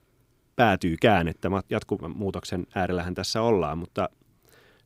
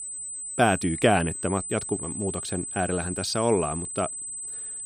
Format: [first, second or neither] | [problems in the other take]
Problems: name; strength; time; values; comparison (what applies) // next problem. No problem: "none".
first | high-pitched whine; loud; throughout; 8 kHz, 6 dB below the speech